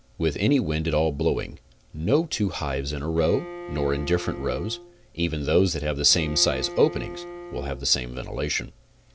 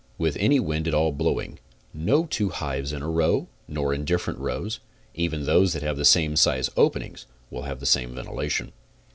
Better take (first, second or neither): second